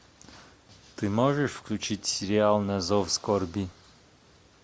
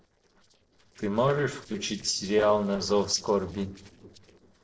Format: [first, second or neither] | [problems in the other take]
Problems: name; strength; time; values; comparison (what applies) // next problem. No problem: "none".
first | noise reduction (neural separator model SepFormer DNS4)